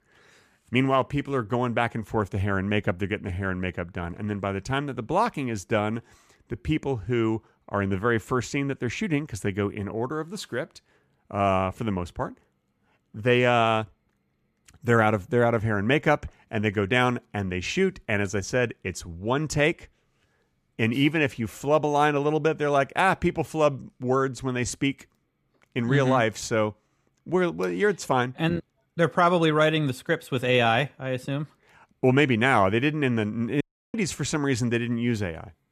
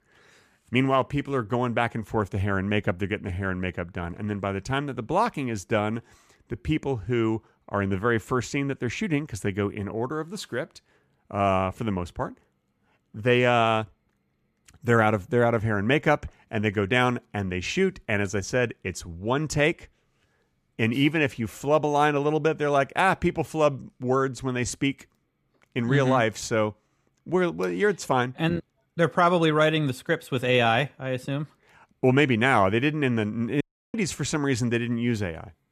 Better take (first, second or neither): neither